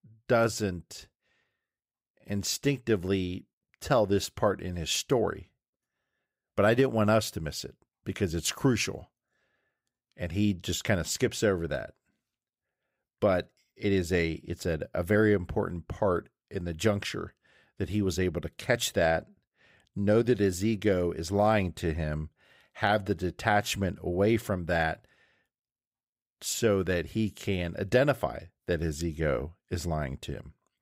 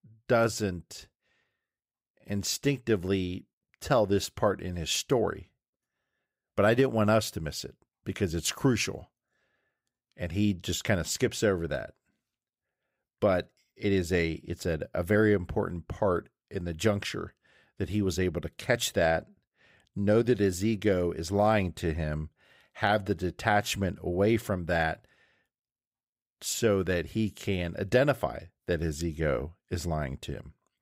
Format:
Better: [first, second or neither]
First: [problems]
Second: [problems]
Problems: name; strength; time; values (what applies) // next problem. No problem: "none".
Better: neither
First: none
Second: none